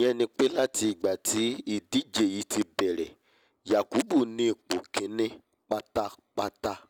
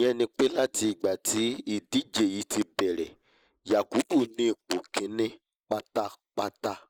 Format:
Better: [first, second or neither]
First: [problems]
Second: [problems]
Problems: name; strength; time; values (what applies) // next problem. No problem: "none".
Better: first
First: none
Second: noise reduction (neural mask model Resemble Enhance denoiser)